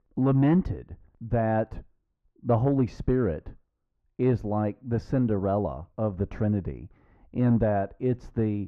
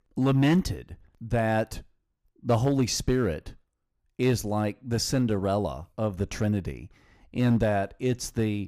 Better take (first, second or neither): second